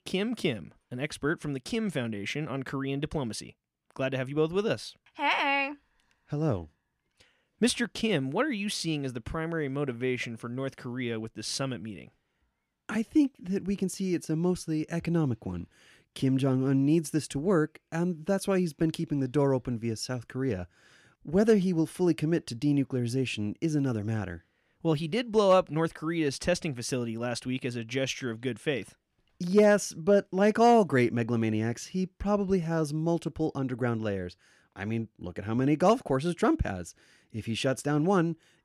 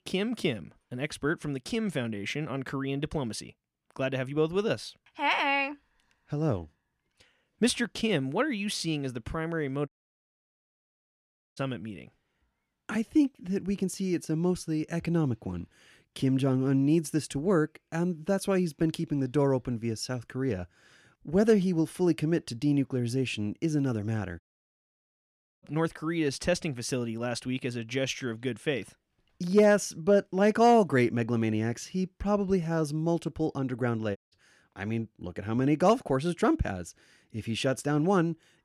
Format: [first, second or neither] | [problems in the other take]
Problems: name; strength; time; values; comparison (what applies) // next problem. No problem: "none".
first | audio cutting out; at 10 s for 1.5 s, at 24 s for 1 s and at 34 s